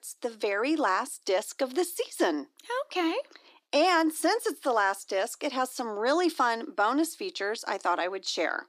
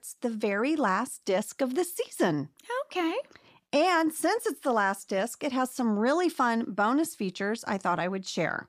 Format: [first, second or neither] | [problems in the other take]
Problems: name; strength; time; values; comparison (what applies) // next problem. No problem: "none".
second | thin; somewhat; fading below 300 Hz